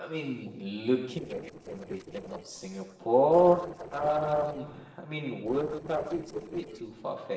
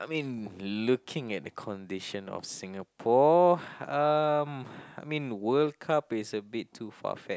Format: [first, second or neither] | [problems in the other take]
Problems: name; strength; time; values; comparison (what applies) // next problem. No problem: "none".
second | noise reduction (neural separator model SepFormer DNS4)